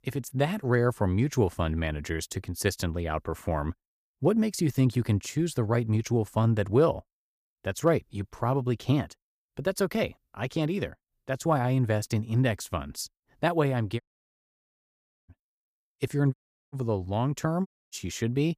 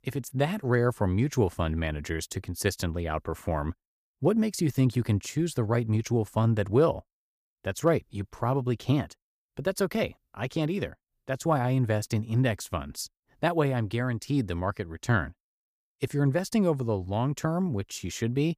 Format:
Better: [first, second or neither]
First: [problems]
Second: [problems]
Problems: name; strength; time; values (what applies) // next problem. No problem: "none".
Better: second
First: audio cutting out; at 14 s for 1.5 s, at 16 s and at 18 s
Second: none